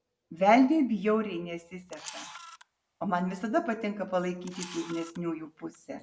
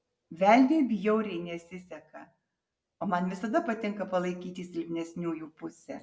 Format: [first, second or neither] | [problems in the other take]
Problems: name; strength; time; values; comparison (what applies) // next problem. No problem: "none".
second | background sound (Camera); 18 dB below the speech